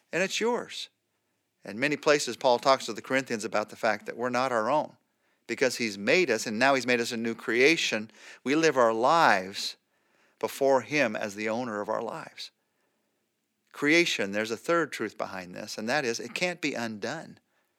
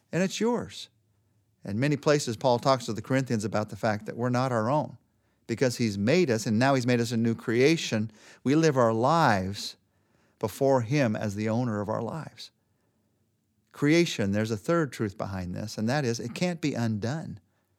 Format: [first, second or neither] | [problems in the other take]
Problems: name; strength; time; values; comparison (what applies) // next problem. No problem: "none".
second | thin; somewhat; fading below 350 Hz